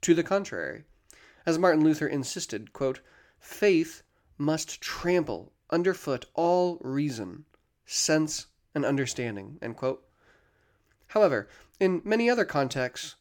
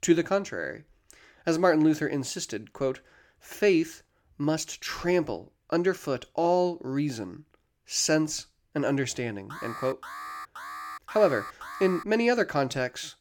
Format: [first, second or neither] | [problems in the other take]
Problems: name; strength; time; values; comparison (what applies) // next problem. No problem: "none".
first | alarm; faint; from 9.5 to 12 s; peak 10 dB below the speech